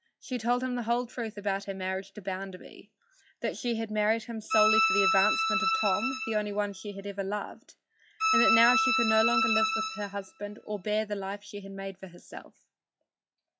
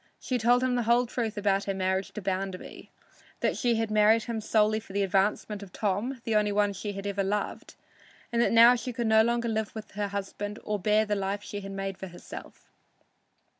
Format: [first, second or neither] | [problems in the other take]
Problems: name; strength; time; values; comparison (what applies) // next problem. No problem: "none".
second | noise reduction (classical method log-MMSE)